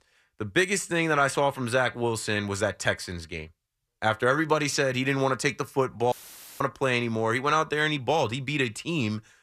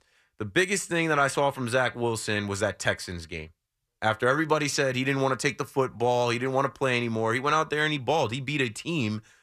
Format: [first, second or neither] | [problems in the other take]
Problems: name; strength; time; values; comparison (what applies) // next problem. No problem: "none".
second | audio cutting out; filled with static; at 6 s